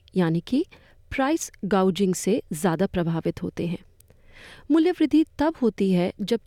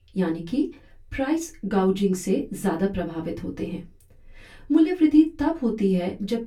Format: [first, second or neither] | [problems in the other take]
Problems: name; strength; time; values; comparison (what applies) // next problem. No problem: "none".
first | off-mic speech; far // room echo; very slight; dies away in 0.2 s